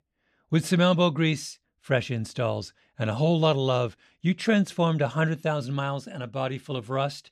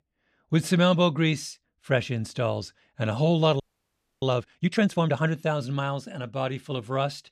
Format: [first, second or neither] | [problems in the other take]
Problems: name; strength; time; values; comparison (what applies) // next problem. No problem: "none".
first | audio freezing; at 3.5 s for 0.5 s